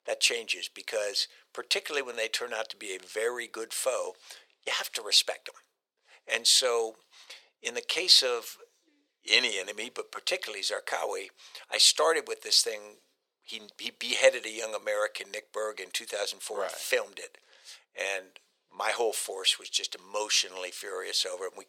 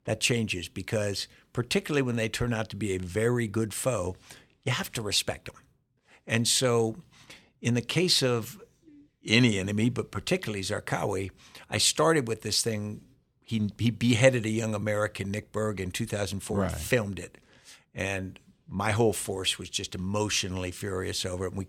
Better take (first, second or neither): second